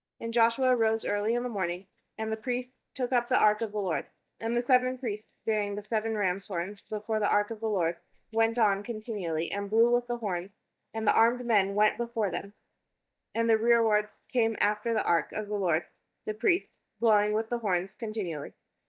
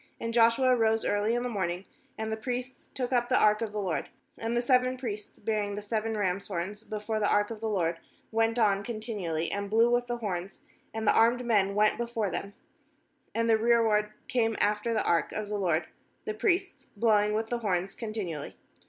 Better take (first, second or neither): second